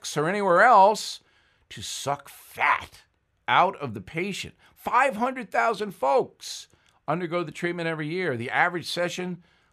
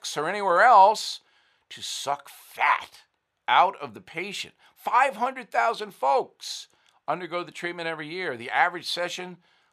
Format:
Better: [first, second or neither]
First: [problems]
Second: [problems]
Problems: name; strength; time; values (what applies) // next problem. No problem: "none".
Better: first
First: none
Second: thin; somewhat; fading below 900 Hz